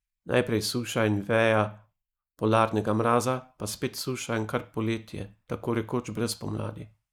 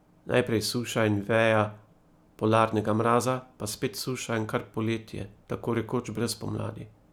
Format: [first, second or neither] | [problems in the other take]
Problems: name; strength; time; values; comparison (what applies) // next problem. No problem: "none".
second | noise reduction (neural mask model Resemble Enhance denoiser)